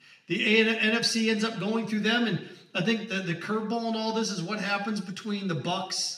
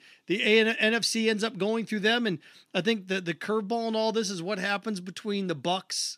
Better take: second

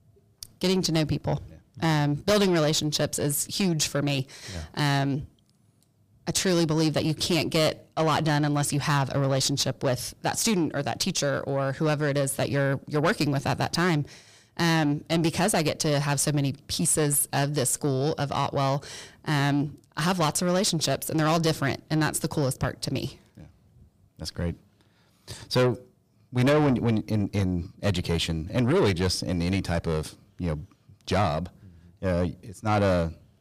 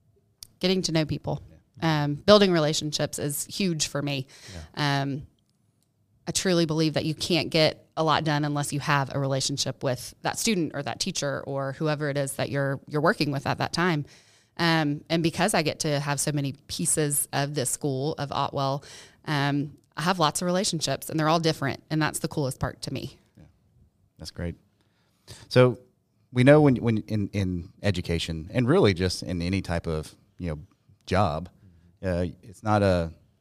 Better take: second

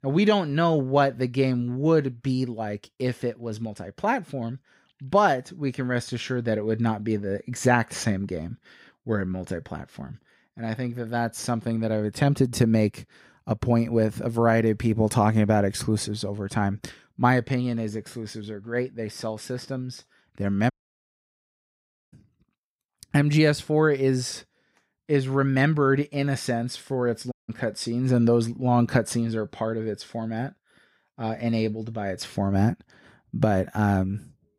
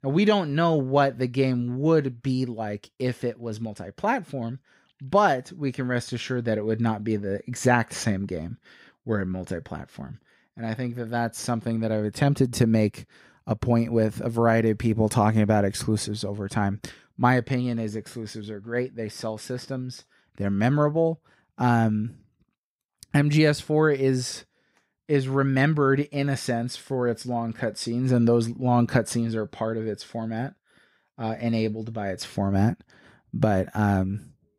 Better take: second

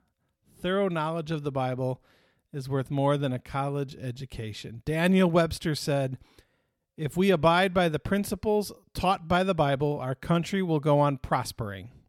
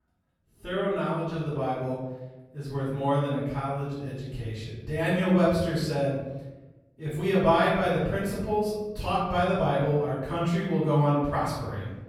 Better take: first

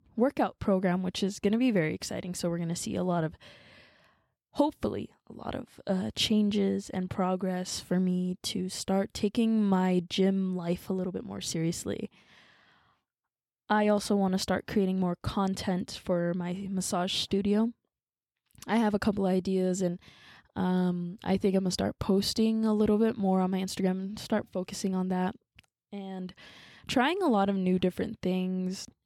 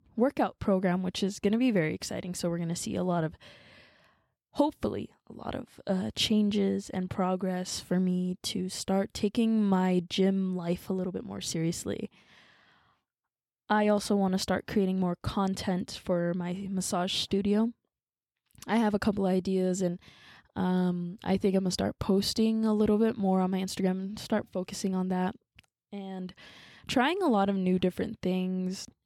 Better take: neither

